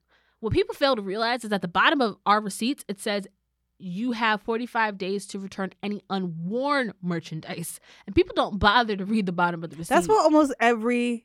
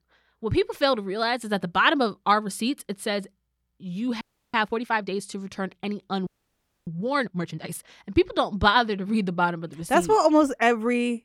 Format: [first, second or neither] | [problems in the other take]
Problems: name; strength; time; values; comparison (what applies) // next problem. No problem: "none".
first | audio freezing; at 4 s and at 6.5 s for 0.5 s